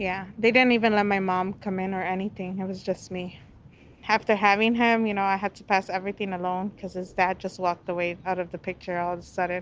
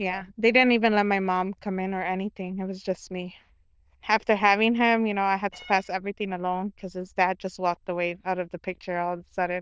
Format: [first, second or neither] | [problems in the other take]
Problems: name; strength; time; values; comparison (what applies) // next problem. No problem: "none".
first | noise reduction (neural diffusion model UNIVERSE++)